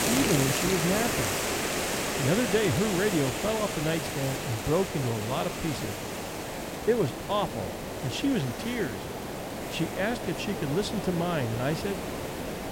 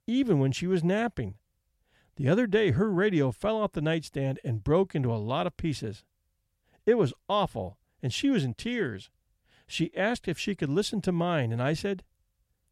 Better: second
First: hiss; loud; throughout; 2 dB below the speech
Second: none

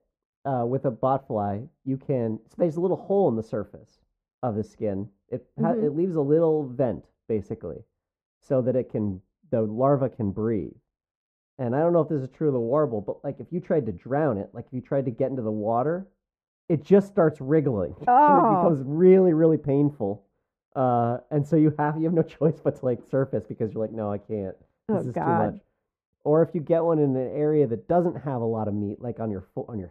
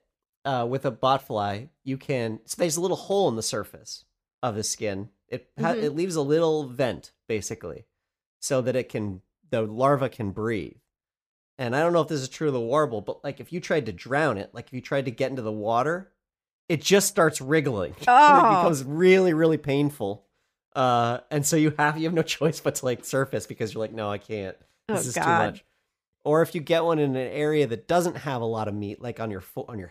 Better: second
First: muffled; very; fading above 2 kHz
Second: none

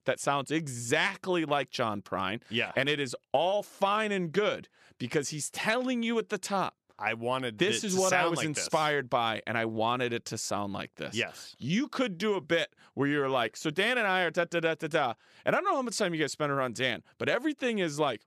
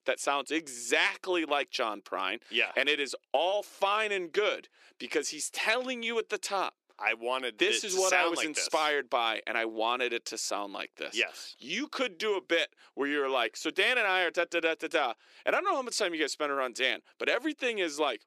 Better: first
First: none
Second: thin; somewhat; fading below 350 Hz

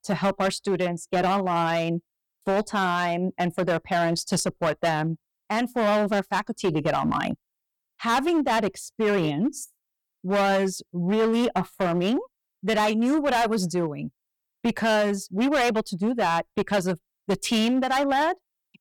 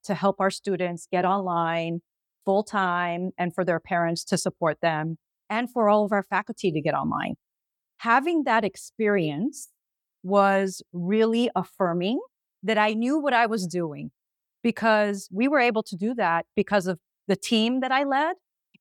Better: second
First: distortion; heavy; 12% of the sound clipped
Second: none

